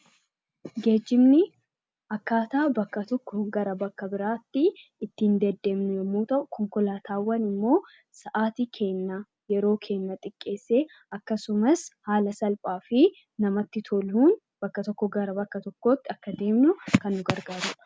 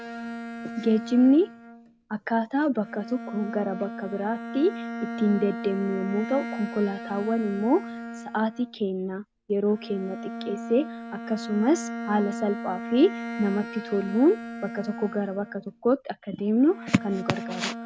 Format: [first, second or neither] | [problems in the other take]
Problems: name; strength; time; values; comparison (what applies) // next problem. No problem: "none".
first | background sound (Bowed string instrument); 10 dB below the speech